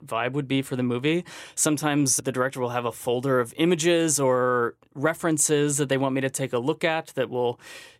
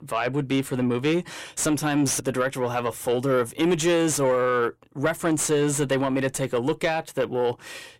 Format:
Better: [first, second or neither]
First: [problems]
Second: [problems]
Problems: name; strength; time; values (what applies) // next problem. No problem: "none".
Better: first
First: none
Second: distortion; slight; 10 dB below the speech